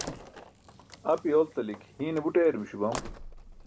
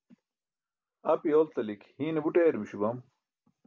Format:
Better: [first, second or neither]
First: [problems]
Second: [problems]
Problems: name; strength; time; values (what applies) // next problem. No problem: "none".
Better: second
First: background sound (Slam); 14 dB below the speech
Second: none